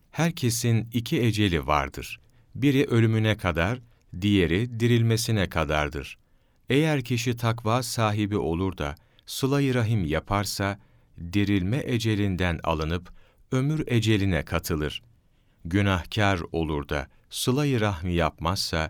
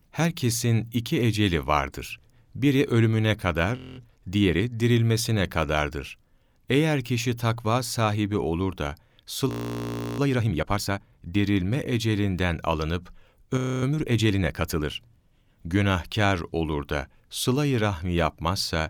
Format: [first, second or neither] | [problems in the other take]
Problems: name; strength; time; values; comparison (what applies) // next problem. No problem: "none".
first | audio freezing; at 4 s, at 9.5 s for 0.5 s and at 14 s